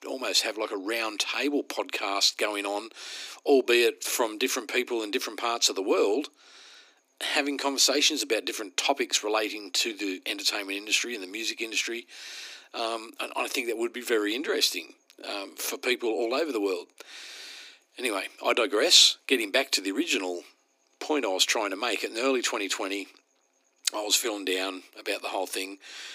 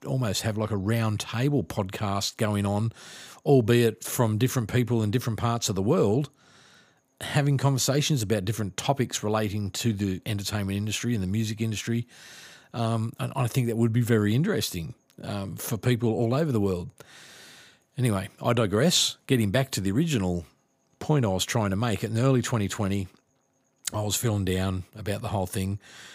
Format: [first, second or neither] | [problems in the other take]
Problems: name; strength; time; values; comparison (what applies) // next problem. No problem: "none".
second | thin; somewhat; fading below 300 Hz